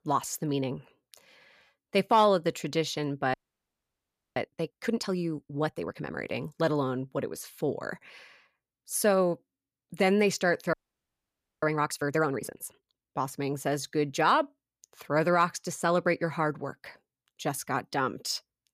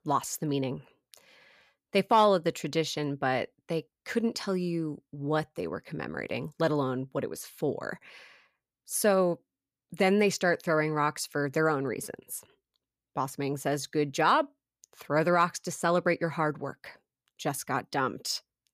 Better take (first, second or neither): second